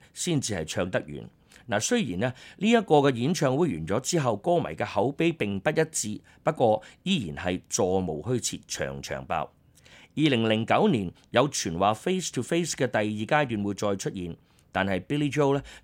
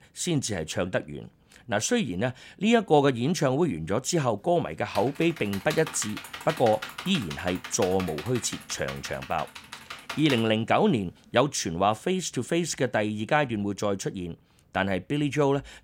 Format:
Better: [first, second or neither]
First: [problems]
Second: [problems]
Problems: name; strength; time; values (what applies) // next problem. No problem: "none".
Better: first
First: none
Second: keyboard typing; noticeable; from 5 to 10 s; peak 9 dB below the speech